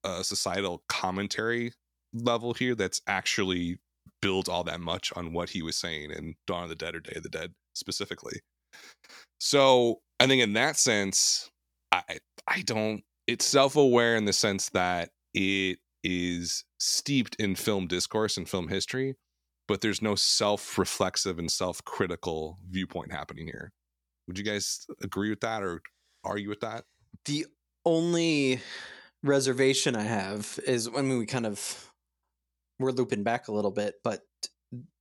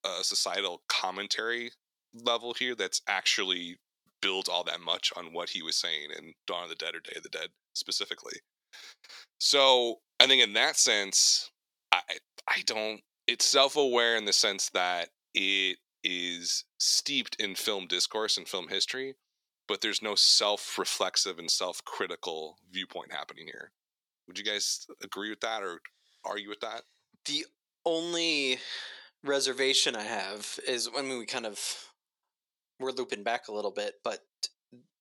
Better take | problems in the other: first | thin; somewhat; fading below 450 Hz

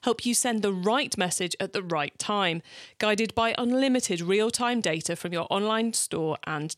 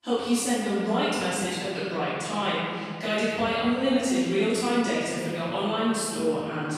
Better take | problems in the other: first | off-mic speech; far // room echo; strong; dies away in 2.2 s

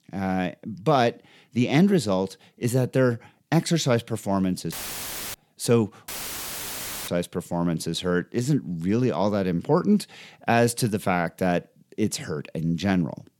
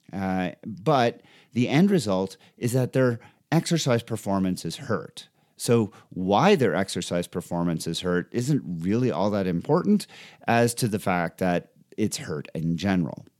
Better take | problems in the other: second | audio cutting out; filled with static; at 4.5 s for 0.5 s and at 6 s for 1 s

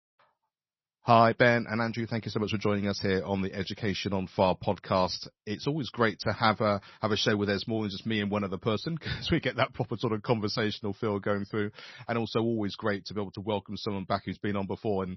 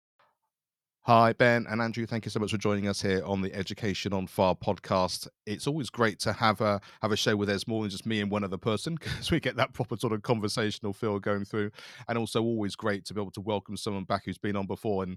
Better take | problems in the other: second | garbled, watery; slightly; nothing above 6 kHz

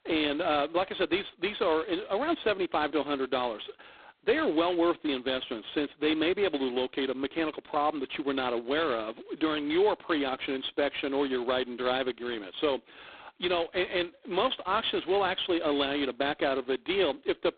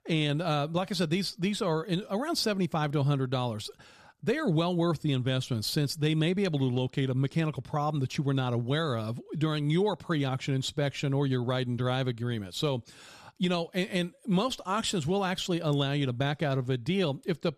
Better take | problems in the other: second | phone-call audio; poor line; nothing above 3.5 kHz

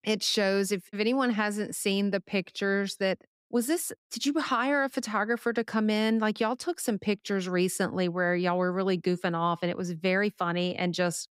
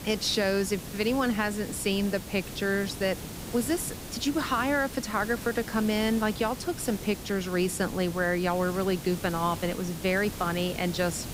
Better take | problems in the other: first | hiss; noticeable; throughout; 10 dB below the speech

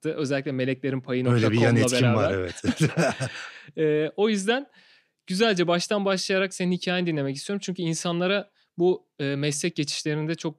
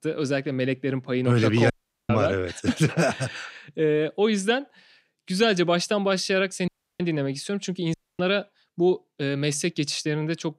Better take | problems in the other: first | audio cutting out; at 1.5 s, at 6.5 s and at 8 s

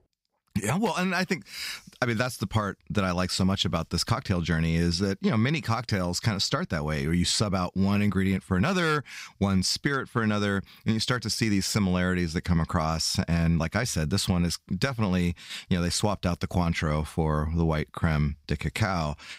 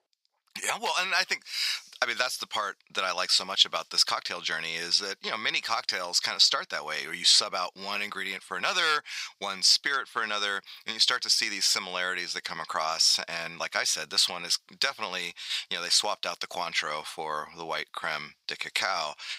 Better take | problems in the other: first | thin; very; fading below 750 Hz

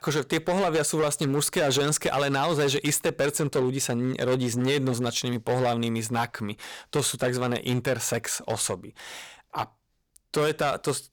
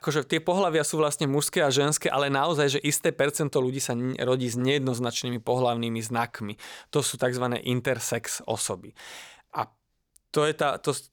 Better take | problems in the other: second | distortion; slight; 9% of the sound clipped

